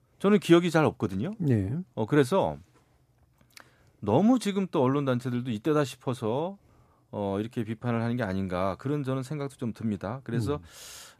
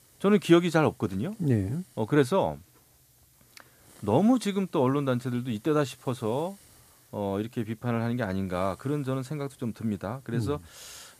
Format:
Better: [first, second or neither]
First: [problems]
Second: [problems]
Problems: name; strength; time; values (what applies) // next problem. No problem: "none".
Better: first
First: none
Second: hiss; faint; throughout; 30 dB below the speech